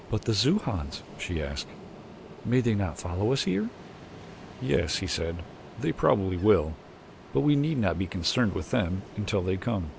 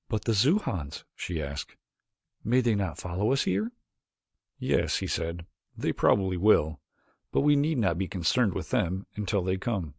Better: second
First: background sound (Ocean); 17 dB below the speech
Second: none

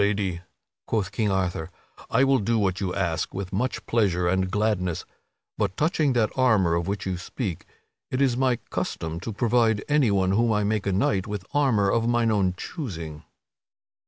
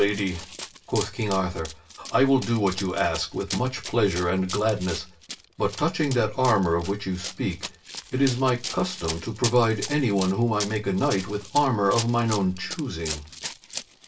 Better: first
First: none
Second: background sound (Run); 13 dB below the speech // room echo; dies away in 0.2 s

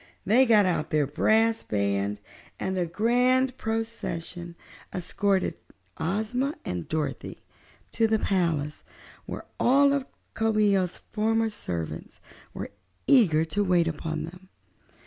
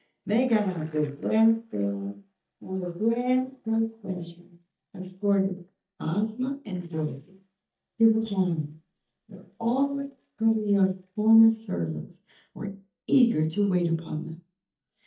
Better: first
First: none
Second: noise reduction (neural mask model DeepFilterNet 3)

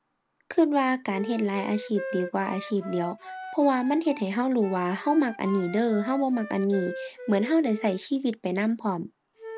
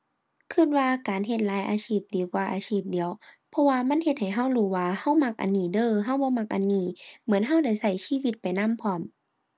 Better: second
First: background sound (Wind instrument, woodwind instrument); 14 dB below the speech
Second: none

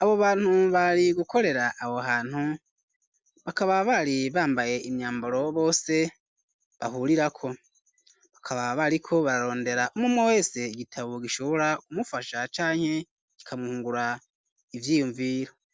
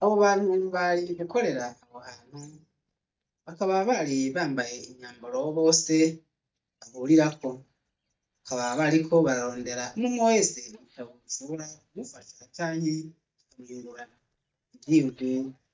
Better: first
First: none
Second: noise reduction (neural mask model DeepFilterNet 3)

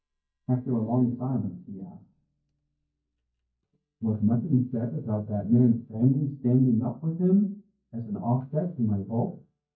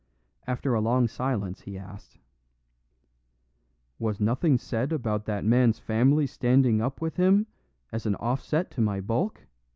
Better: second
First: noise reduction (neural mask model DeepFilterNet 3)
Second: none

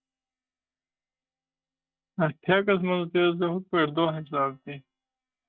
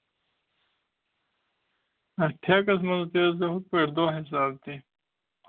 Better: second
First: noise reduction (neural mask model DeepFilterNet 3)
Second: none

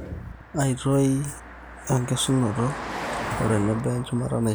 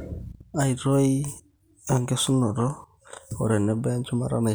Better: second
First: background sound (Car passing by); 10 dB below the speech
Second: none

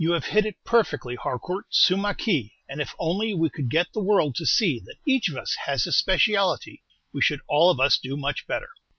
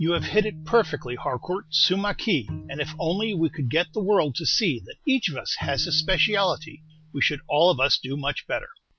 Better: first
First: none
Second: background sound (Bowed string instrument); 15 dB below the speech

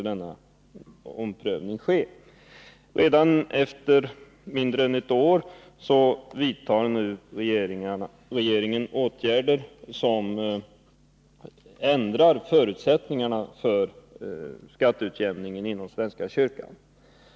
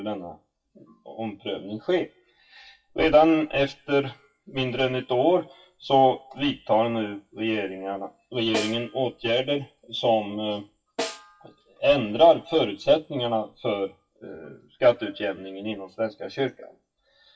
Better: first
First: none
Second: noise reduction (classical method WPE with log-MMSE)

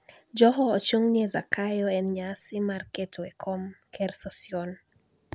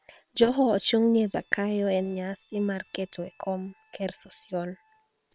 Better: first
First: none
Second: noise reduction (neural separator model SepFormer WHAM!)

